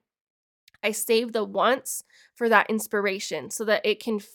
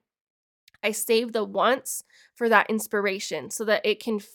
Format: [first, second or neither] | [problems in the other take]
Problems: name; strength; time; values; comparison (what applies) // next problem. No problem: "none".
neither | none